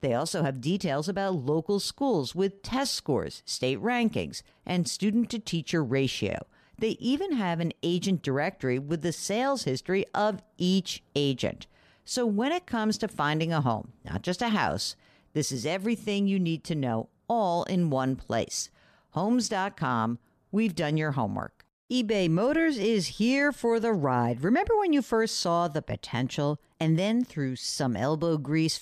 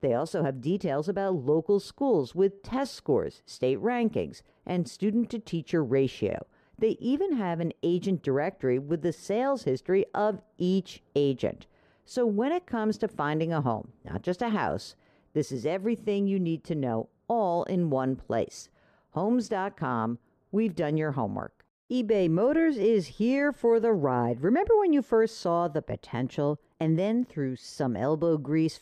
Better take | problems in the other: first | muffled; slightly; fading above 2.5 kHz

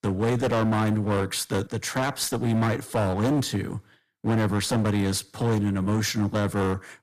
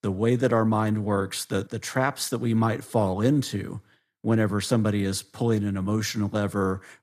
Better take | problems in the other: second | distortion; heavy; 20% of the sound clipped

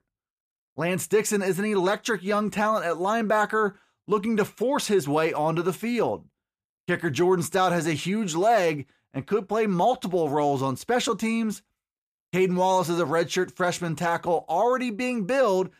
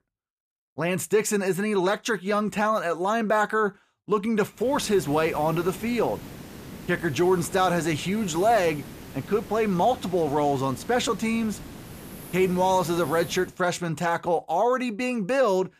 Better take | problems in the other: first | hiss; noticeable; from 4.5 to 13 s; 15 dB below the speech

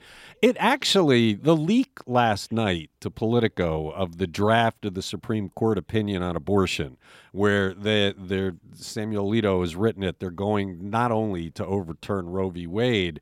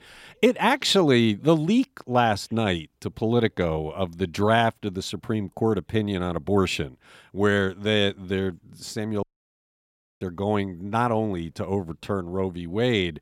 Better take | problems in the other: first | audio cutting out; at 9 s for 1 s

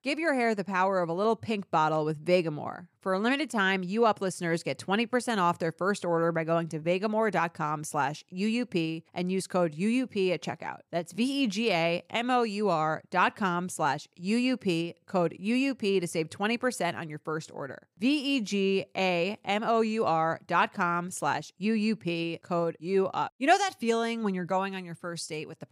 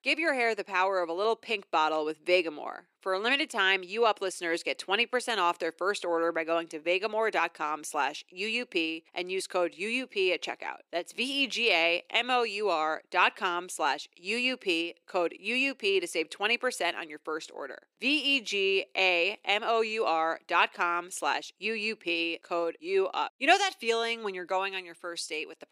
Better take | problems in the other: first | thin; somewhat; fading below 350 Hz

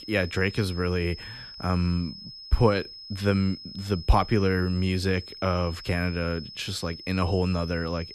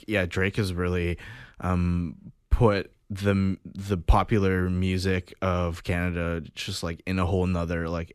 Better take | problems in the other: second | high-pitched whine; noticeable; throughout; 5 kHz, 15 dB below the speech

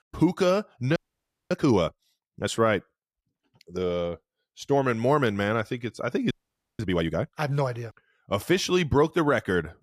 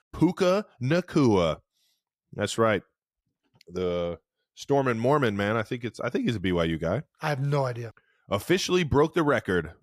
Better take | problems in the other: second | audio freezing; at 1 s for 0.5 s and at 6.5 s

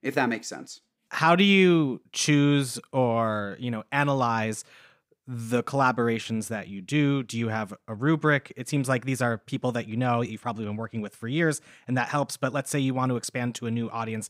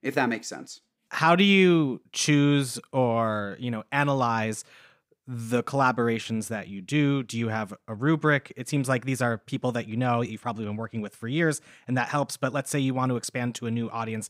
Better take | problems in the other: neither | none

